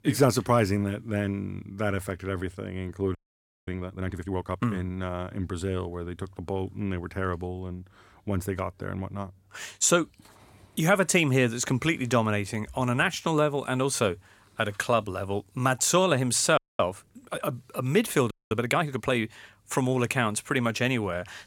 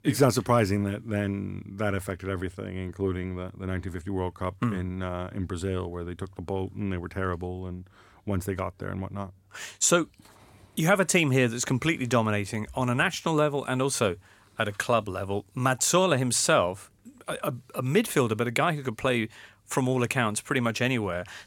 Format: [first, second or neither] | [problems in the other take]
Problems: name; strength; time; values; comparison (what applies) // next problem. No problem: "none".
second | audio freezing; at 3 s for 0.5 s, at 17 s and at 18 s